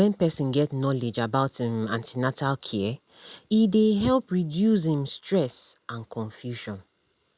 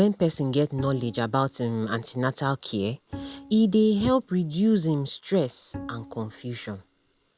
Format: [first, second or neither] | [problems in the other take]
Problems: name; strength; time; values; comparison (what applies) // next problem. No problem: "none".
first | background sound (Bowed string instrument); 18 dB below the speech